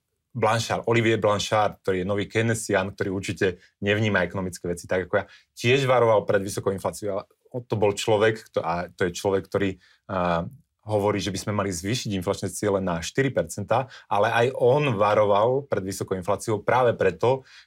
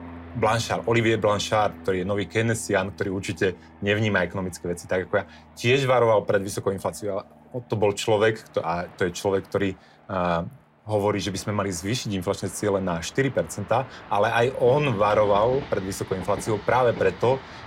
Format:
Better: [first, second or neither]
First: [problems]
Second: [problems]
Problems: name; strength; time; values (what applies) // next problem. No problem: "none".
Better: first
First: none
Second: train or aircraft noise; noticeable; throughout; 20 dB below the speech